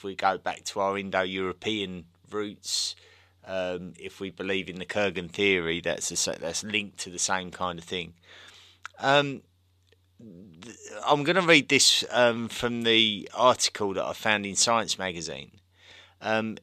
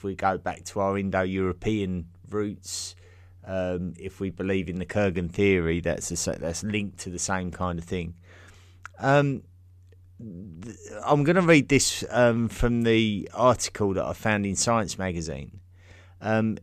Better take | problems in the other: second | thin; very slightly; fading below 400 Hz

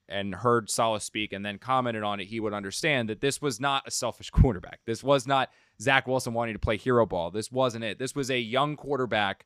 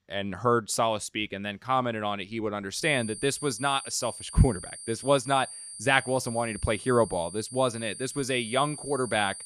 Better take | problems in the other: first | high-pitched whine; noticeable; from 3 s on; 9 kHz, 10 dB below the speech

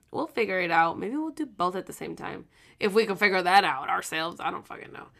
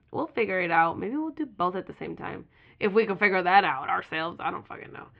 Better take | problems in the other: first | muffled; slightly; fading above 3 kHz

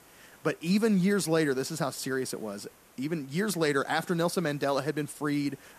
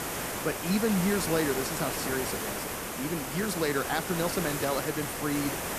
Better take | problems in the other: first | hiss; loud; throughout; 2 dB below the speech; faint in the first

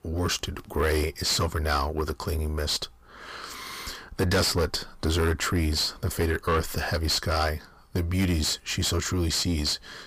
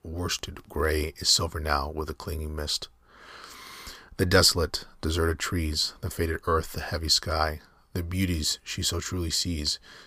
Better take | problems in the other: second | distortion; heavy; 6 dB below the speech

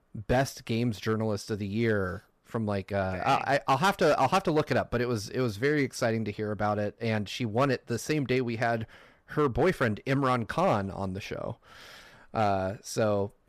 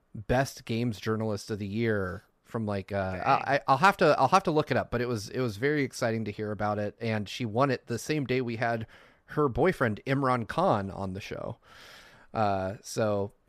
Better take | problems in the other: second | distortion; slight; 3% of the sound clipped

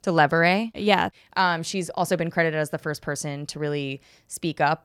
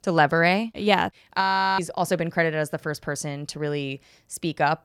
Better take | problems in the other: first | audio freezing; at 1.5 s

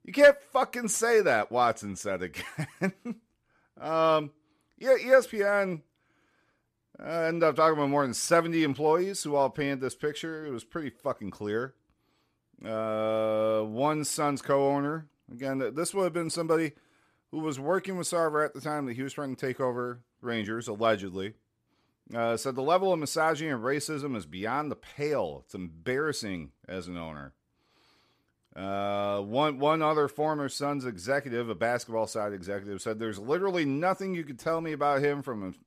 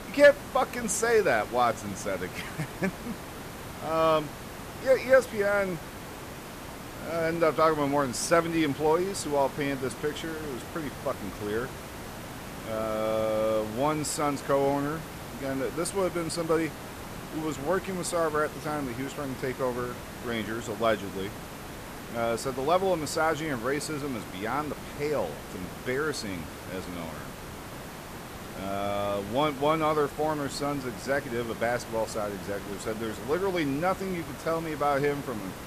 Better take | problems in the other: first | hiss; noticeable; throughout; 10 dB below the speech

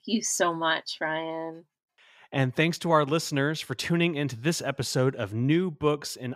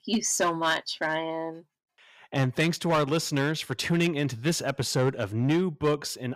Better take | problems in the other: first | distortion; slight; 6% of the sound clipped

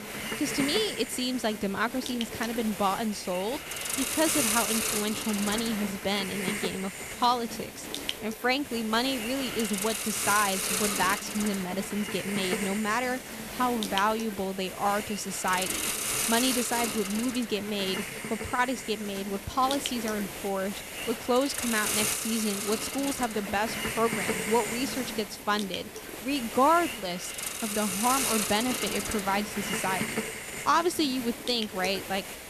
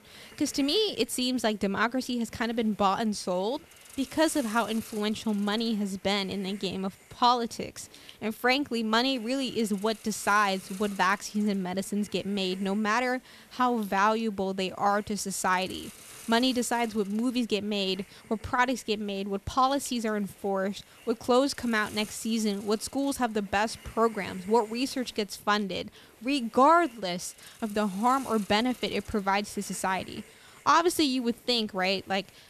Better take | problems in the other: second | hiss; loud; throughout; 2 dB below the speech; faint in the second

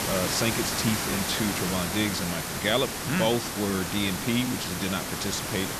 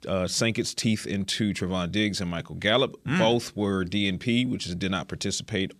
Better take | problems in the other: second | hiss; loud; throughout; 1 dB below the speech

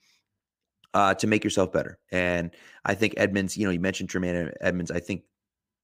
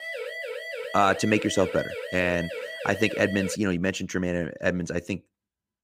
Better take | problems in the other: first | siren; noticeable; until 3.5 s; peak 7 dB below the speech

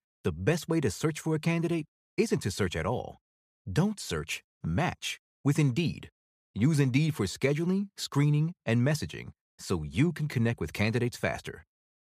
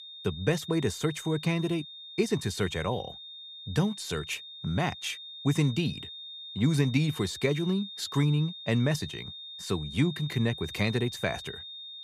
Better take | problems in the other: first | high-pitched whine; noticeable; throughout; 3.5 kHz, 10 dB below the speech

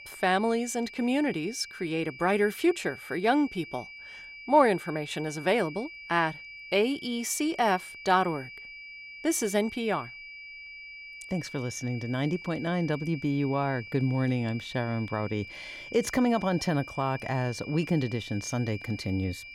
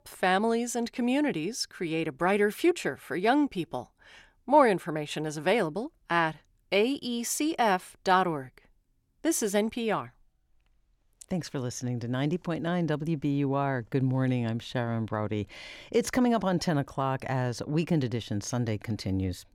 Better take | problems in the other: second | high-pitched whine; noticeable; throughout; 2.5 kHz, 15 dB below the speech

